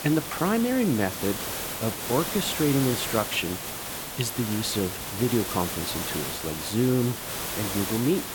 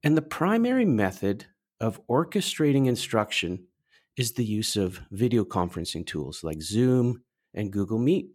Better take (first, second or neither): second